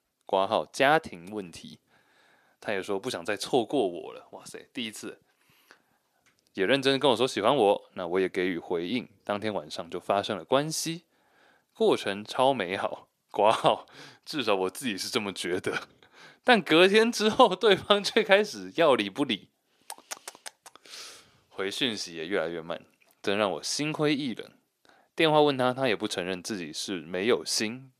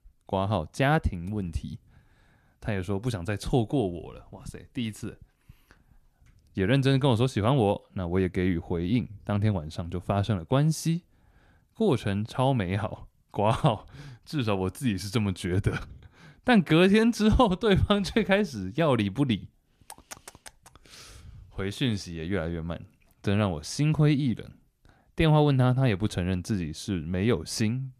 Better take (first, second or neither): second